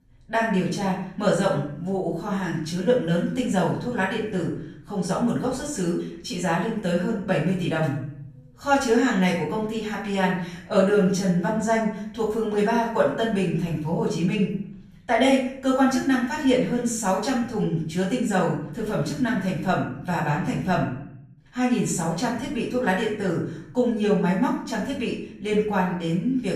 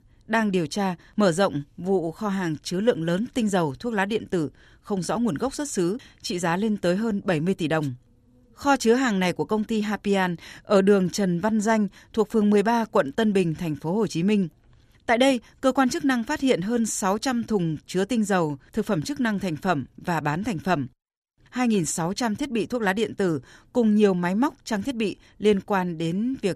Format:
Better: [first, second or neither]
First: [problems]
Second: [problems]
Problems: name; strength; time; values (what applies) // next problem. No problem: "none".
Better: second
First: off-mic speech; far // room echo; noticeable; dies away in 0.6 s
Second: none